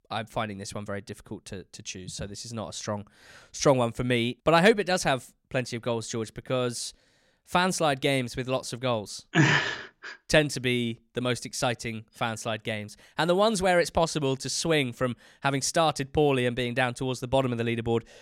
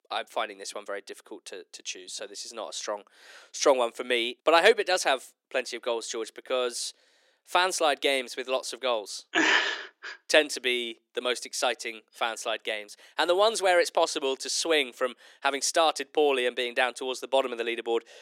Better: first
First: none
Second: thin; very; fading below 350 Hz

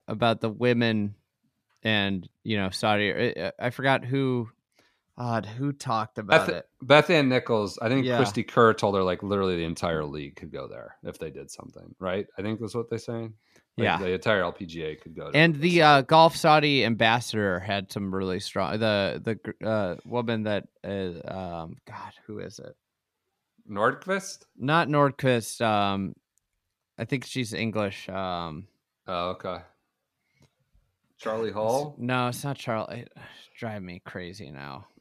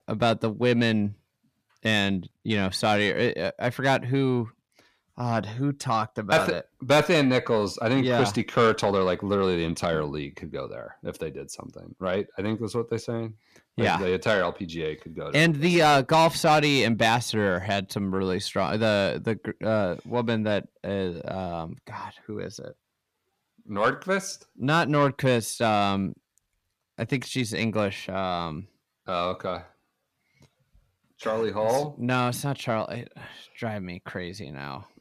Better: first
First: none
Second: distortion; slight; 10 dB below the speech

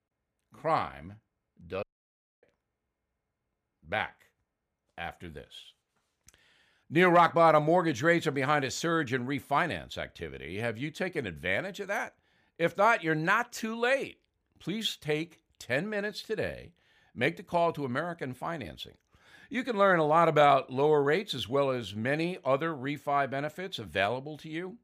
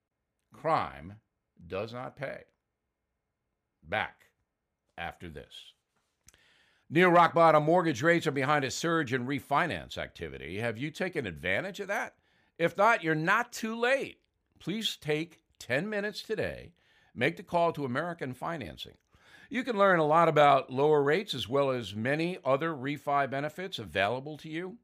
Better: second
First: audio cutting out; at 2 s for 0.5 s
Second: none

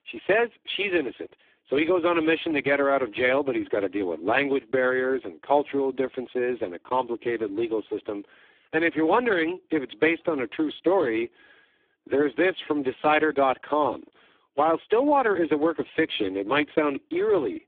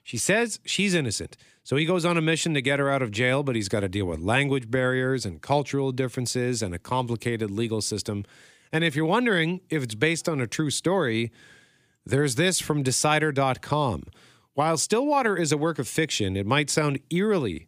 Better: second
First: phone-call audio; poor line; nothing above 3.5 kHz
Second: none

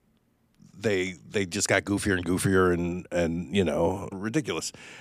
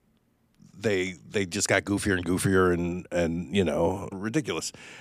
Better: neither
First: none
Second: none

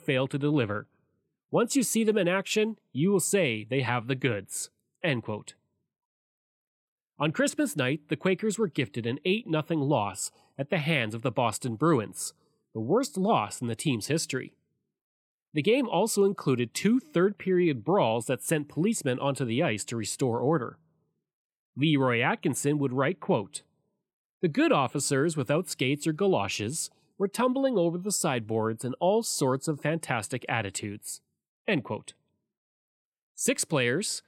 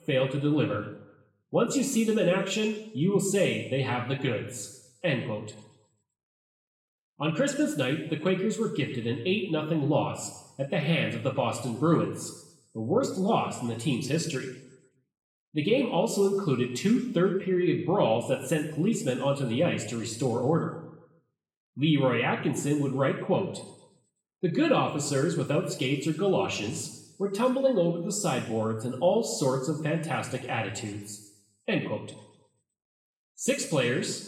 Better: first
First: none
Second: room echo; noticeable; dies away in 0.8 s // off-mic speech; far

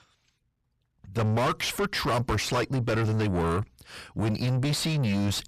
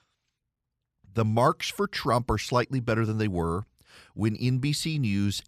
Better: second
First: distortion; heavy; 5 dB below the speech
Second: none

